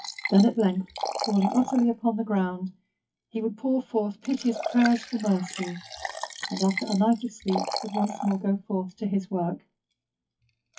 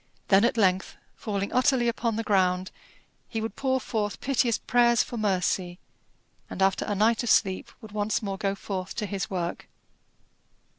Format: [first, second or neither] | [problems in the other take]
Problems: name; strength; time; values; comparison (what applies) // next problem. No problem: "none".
second | noise reduction (classical method WPE with log-MMSE)